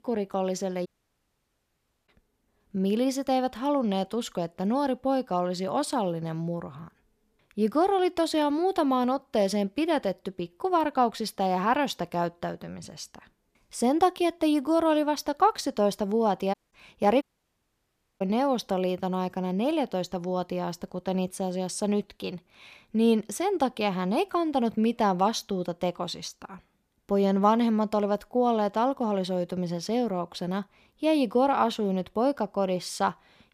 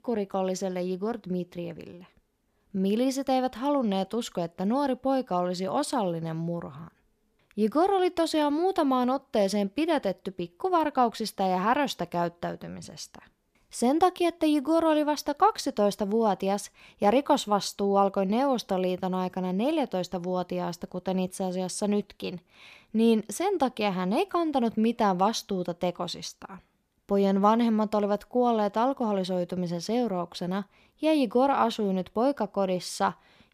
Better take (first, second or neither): second